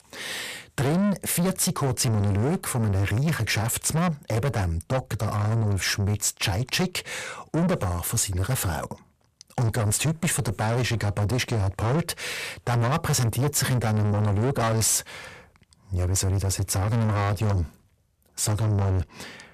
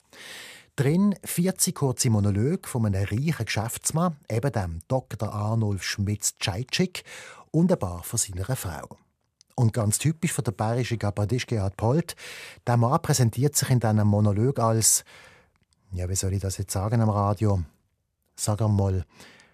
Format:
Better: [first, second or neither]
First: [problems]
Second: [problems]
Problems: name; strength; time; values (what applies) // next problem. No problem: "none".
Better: second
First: distortion; heavy; 5 dB below the speech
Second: none